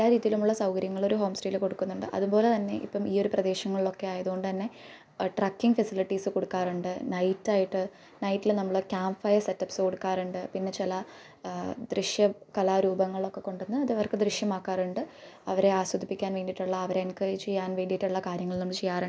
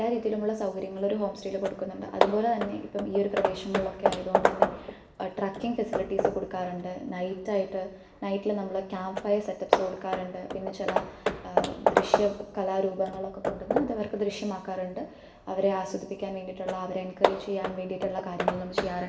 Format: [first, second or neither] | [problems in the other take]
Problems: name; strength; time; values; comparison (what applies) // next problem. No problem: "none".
first | background sound (Hammer / Wood); 1 dB below the speech // room echo; dies away in 0.8 s